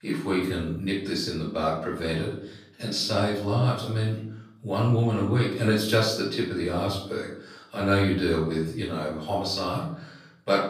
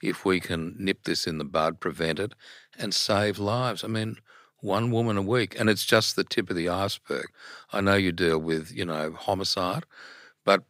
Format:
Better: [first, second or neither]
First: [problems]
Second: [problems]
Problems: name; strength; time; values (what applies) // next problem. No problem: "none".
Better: second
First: off-mic speech; far // room echo; noticeable; dies away in 0.7 s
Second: none